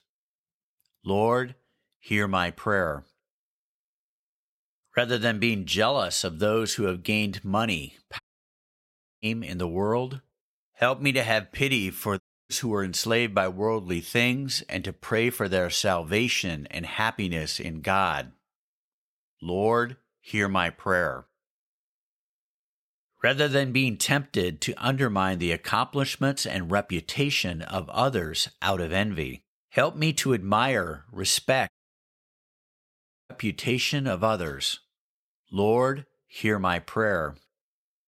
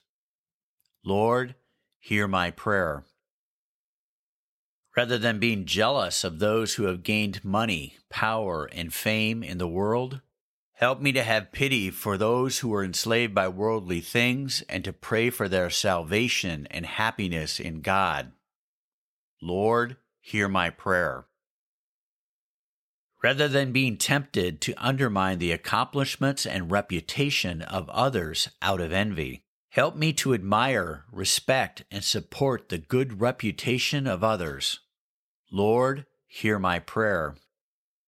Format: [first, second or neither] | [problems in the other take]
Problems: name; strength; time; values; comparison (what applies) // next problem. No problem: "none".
second | audio cutting out; at 8 s for 1 s, at 12 s and at 32 s for 1.5 s